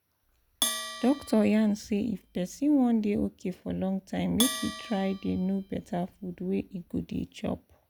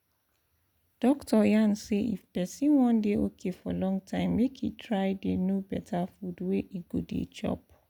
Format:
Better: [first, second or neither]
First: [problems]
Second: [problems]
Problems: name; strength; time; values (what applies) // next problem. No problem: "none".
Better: second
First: background sound (Bell); 10 dB below the speech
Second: none